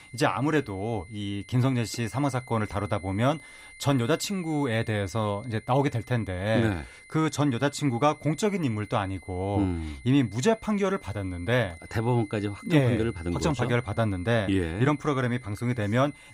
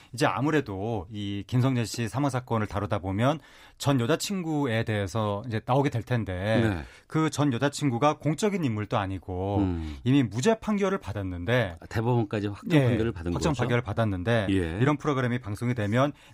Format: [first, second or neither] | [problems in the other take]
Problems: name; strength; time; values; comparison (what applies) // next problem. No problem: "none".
second | high-pitched whine; faint; throughout; 2 kHz, 20 dB below the speech